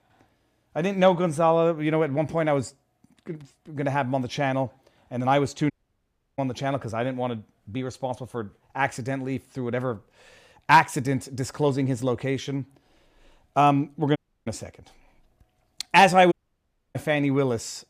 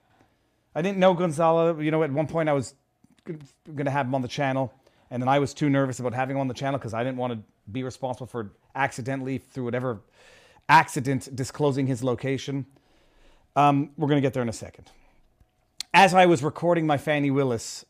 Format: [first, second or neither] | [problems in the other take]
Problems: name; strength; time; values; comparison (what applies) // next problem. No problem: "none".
second | audio cutting out; at 5.5 s for 0.5 s, at 14 s and at 16 s for 0.5 s